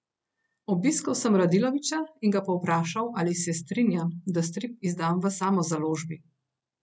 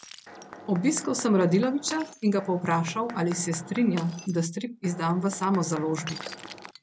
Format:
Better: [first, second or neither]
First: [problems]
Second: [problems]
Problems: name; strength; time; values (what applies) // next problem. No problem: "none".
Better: first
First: none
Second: background sound (Mechanisms + Shatter); 16 dB below the speech